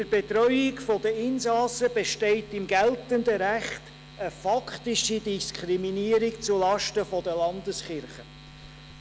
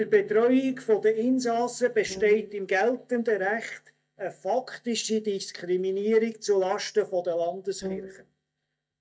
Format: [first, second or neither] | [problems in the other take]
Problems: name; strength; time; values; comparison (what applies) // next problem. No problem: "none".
first | noise reduction (neural mask model DeepFilterNet 3)